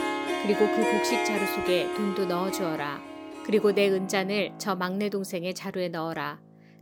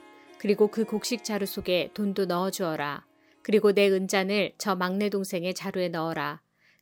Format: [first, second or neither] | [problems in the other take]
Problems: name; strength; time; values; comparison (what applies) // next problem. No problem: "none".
second | background music; loud; throughout; 2 dB below the speech; faint in the second